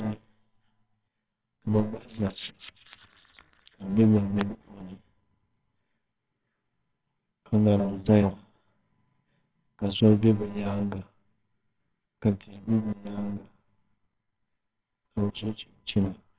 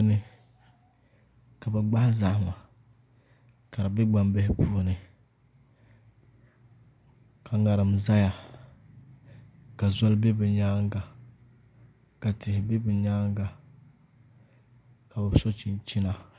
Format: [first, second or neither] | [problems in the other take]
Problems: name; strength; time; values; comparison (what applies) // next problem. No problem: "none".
second | noise reduction (neural separator model SepFormer WHAMR!)